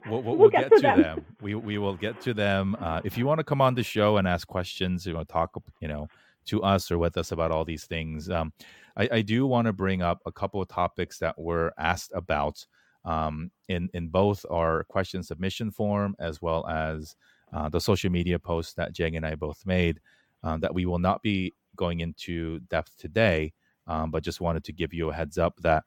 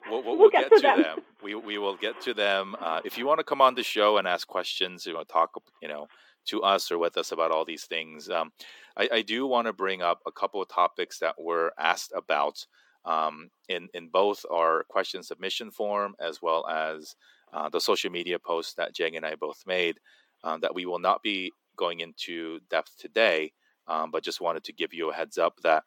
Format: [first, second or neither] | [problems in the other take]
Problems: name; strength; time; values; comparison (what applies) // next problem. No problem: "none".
first | thin; somewhat; fading below 300 Hz